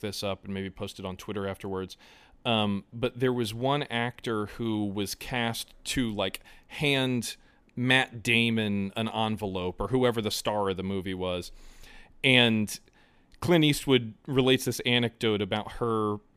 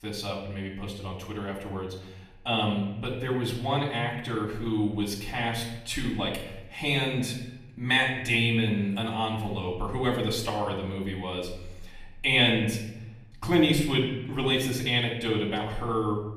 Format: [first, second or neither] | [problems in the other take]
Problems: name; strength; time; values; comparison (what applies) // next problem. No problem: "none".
first | off-mic speech; far // room echo; noticeable; dies away in 0.9 s